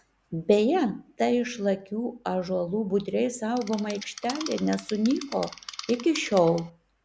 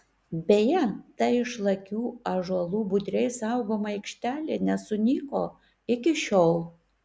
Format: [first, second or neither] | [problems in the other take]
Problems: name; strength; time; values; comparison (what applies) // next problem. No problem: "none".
second | background sound (Insect); 14 dB below the speech